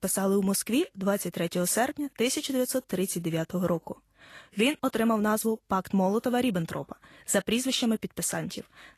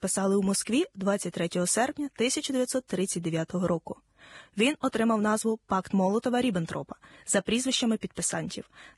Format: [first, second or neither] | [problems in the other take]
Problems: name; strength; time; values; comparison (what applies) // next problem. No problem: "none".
first | garbled, watery; badly; nothing above 10.5 kHz; slightly in the first